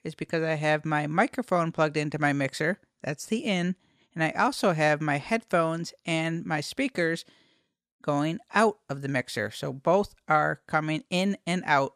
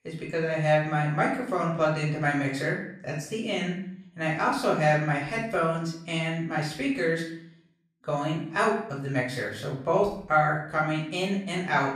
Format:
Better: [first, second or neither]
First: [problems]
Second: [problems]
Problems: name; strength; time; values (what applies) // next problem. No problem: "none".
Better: first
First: none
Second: off-mic speech; far // room echo; noticeable; dies away in 0.6 s